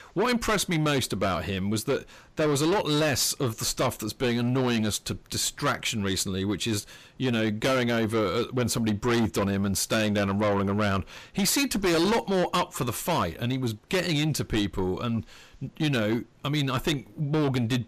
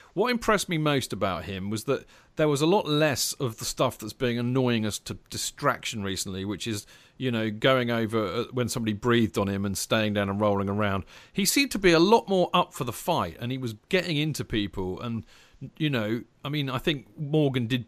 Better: second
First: distortion; heavy; 6 dB below the speech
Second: none

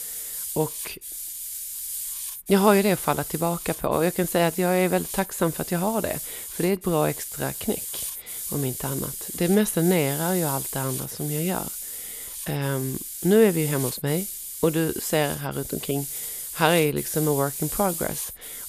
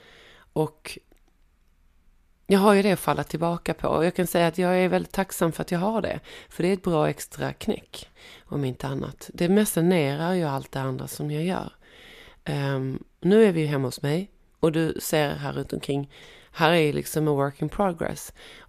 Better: second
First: hiss; loud; throughout; 6 dB below the speech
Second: none

